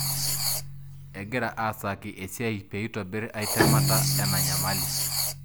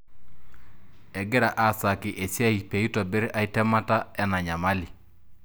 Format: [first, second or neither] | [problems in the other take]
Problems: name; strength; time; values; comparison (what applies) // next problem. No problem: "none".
second | background sound (Writing + Bowed string instrument); 4 dB above the speech